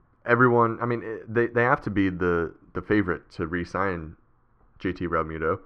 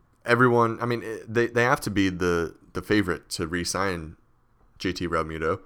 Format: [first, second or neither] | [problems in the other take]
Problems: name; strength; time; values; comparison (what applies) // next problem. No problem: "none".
second | muffled; very; fading above 1.5 kHz